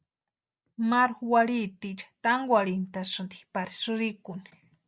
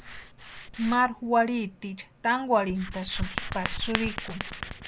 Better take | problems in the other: first | background sound (Writing); 8 dB below the speech

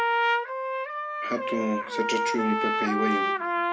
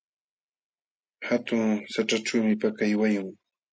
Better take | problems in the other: second | background sound (Trumpet); 4 dB above the speech // room echo; dies away in 0.6 s

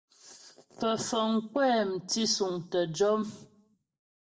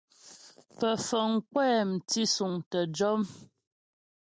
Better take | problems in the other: second | room echo; dies away in 0.4 s

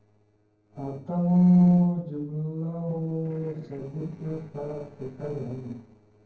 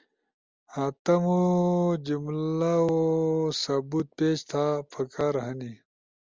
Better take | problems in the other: second | noise reduction (neural separator model SepFormer DNS4)

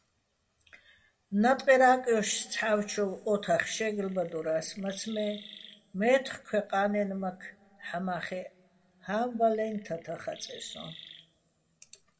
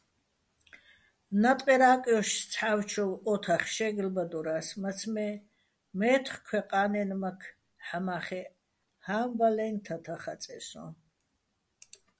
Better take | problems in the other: second | background sound (Chirp, tweet); 19 dB below the speech // room echo; dies away in 1.1 s

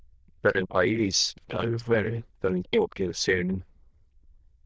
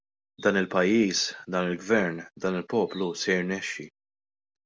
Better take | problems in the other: second | noise reduction (neural diffusion model UNIVERSE++)

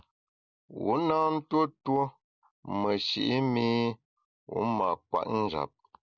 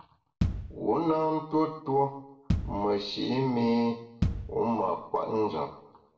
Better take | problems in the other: first | background sound (Bass drum); 6 dB below the speech // room echo; dies away in 0.6 s

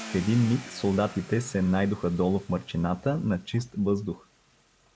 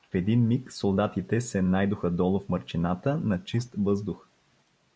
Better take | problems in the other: second | background sound (Car); 19 dB below the speech

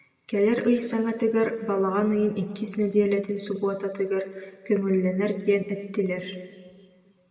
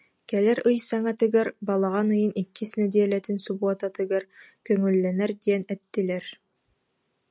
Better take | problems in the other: second | room echo; dies away in 1.9 s

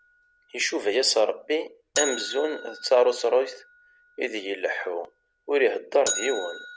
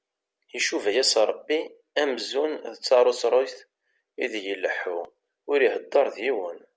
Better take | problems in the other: second | background sound (Bell); 11 dB below the speech

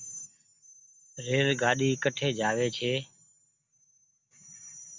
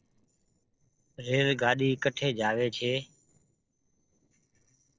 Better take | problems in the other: first | noise reduction (neural separator model SepFormer DNS4)

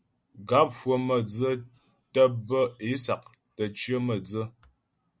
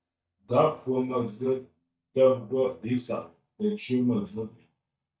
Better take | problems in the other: first | noise reduction (neural mask model DeepFilterNet 3)

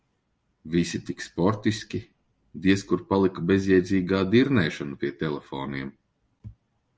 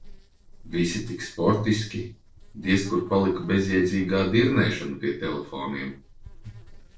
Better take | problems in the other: first | noise reduction (neural separator model SepFormer DNS4)

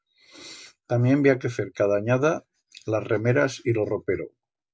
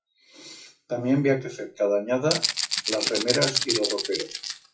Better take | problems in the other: first | noise reduction (classical method WPE with log-MMSE)

